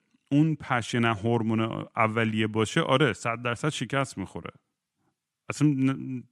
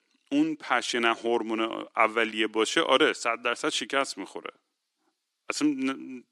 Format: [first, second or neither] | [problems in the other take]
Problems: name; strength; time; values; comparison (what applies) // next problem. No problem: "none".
first | thin; somewhat; fading below 300 Hz